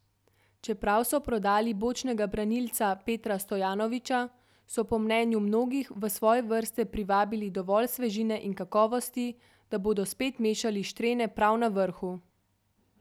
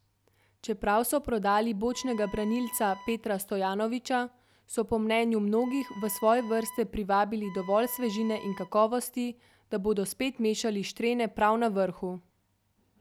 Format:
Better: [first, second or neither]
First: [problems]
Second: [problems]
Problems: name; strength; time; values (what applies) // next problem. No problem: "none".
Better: first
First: none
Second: background sound (Wind instrument, woodwind instrument); 18 dB below the speech